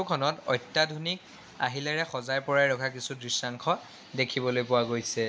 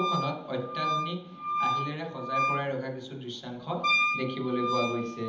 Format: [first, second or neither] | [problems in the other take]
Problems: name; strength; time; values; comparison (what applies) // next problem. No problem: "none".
first | background sound (Wind instrument, woodwind instrument); 2 dB above the speech // room echo; dies away in 0.8 s